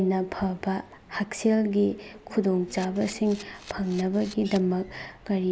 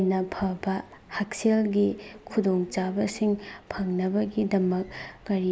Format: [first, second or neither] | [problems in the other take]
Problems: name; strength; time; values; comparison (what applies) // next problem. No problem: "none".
second | background sound (Camera); 20 dB below the speech